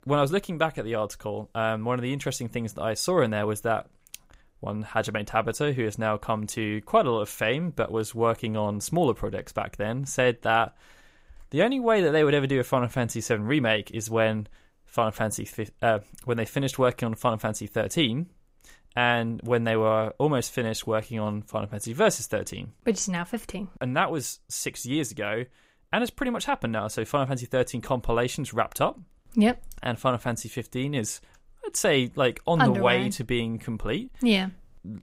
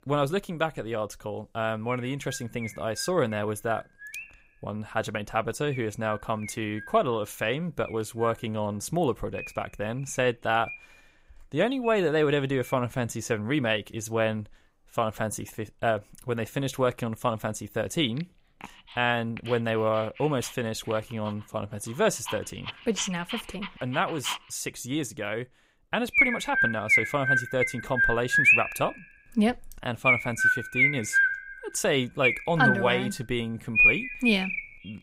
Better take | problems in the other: first | animal sounds; very loud; throughout; 5 dB above the speech

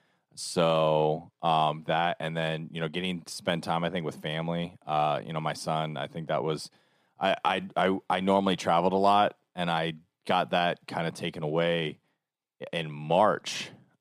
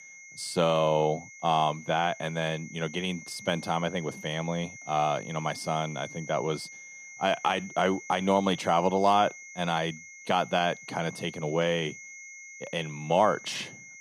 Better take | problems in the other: first | high-pitched whine; noticeable; throughout; 2 kHz, 15 dB below the speech

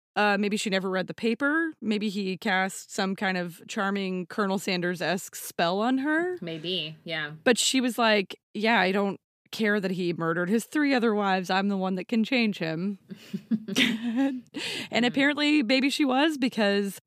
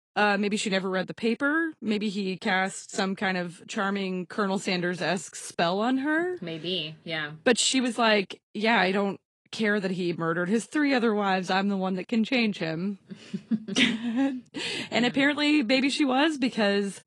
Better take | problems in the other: first | garbled, watery; slightly

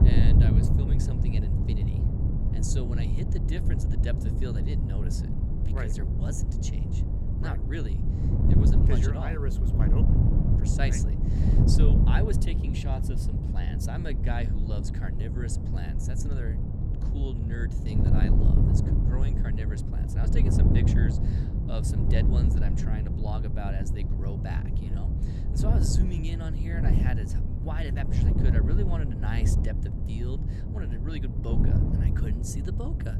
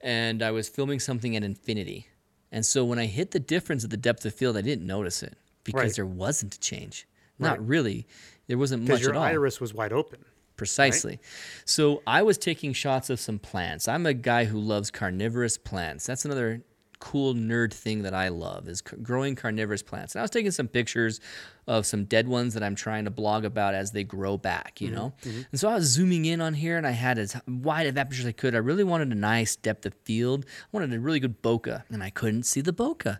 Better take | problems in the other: second | wind noise on the microphone; heavy; 1 dB above the speech

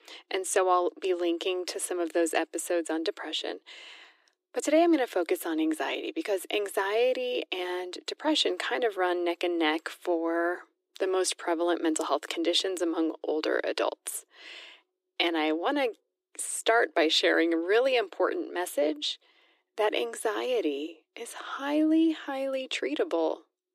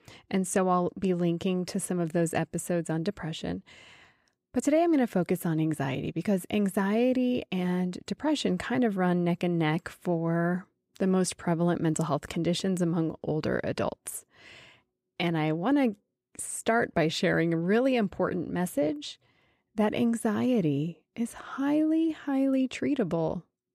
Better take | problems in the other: second | thin; very; fading below 300 Hz

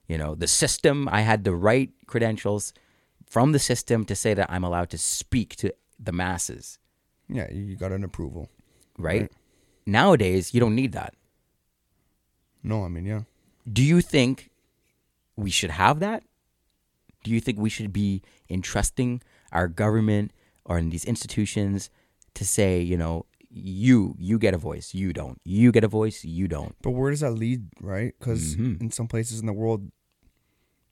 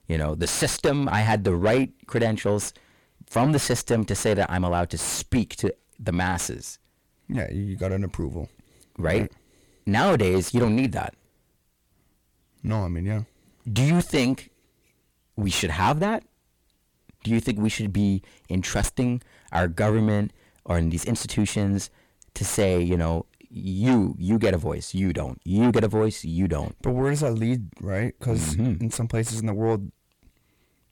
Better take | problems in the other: first | distortion; heavy; 6 dB below the speech

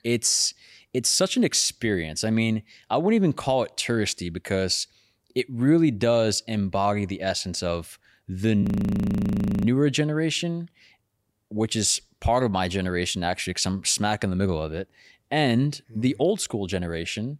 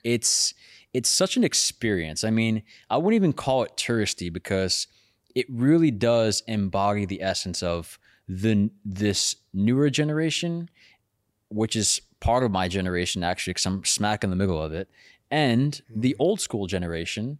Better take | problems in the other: second | audio freezing; at 8.5 s for 1 s

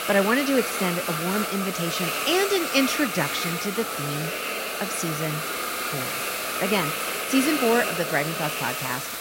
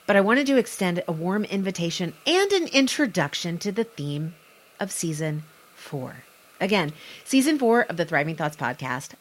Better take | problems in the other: second | hiss; loud; throughout; 1 dB below the speech; faint in the second

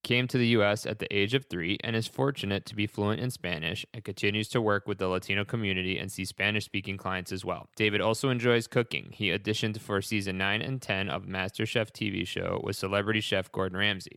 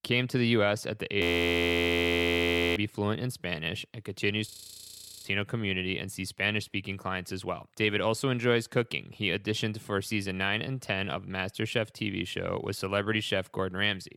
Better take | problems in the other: first | audio freezing; at 1 s for 1.5 s and at 4.5 s for 1 s

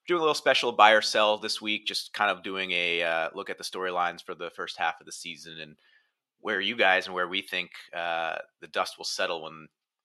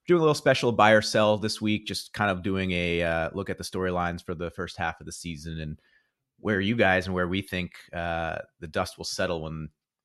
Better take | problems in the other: second | thin; somewhat; fading below 400 Hz

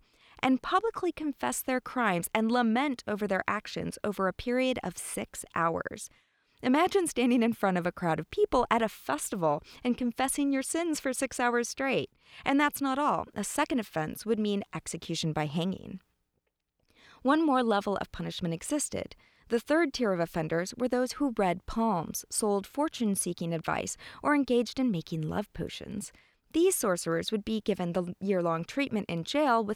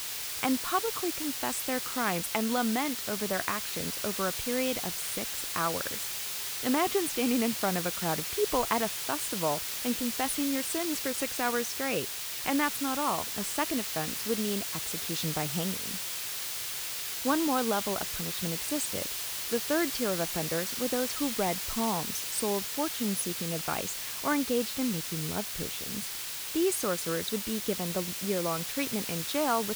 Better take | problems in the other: first | hiss; loud; throughout; as loud as the speech

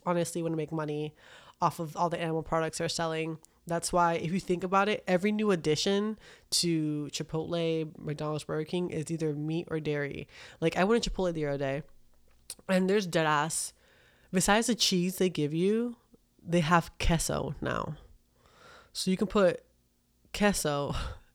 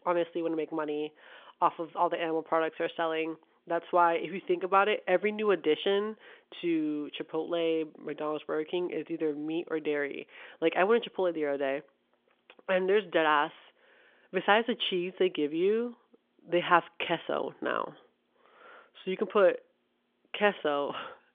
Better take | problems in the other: first | phone-call audio; nothing above 3.5 kHz

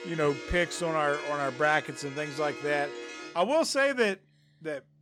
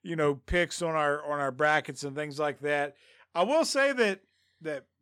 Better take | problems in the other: second | background music; noticeable; throughout; 10 dB below the speech

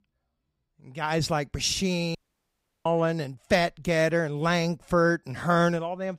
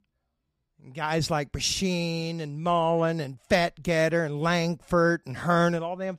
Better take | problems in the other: second | audio cutting out; at 2 s for 0.5 s

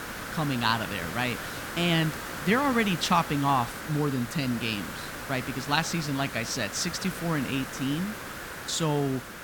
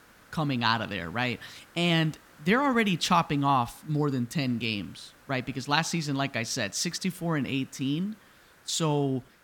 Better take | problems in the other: second | hiss; loud; throughout; 8 dB below the speech; faint in the second

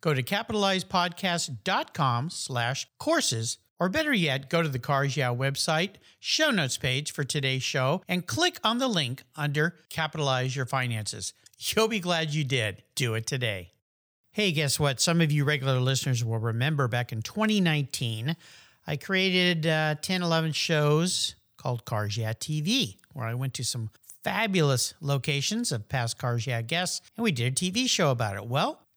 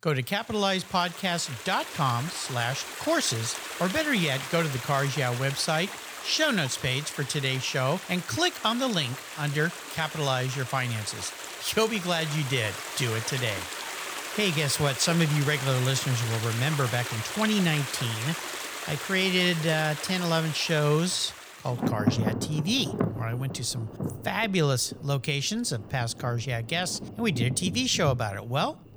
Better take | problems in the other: first | rain or running water; loud; throughout; 7 dB below the speech

